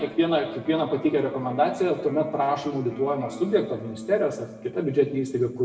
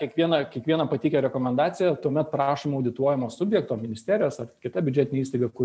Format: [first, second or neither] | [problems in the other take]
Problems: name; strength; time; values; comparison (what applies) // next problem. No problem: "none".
second | background sound (Electric guitar); 18 dB below the speech // room echo; dies away in 0.9 s